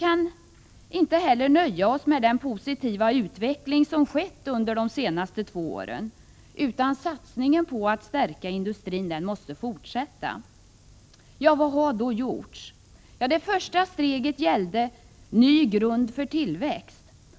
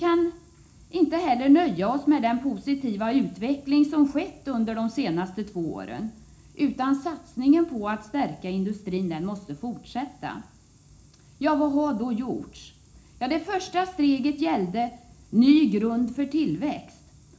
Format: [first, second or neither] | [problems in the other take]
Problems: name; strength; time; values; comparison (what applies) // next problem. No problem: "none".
first | room echo; dies away in 0.4 s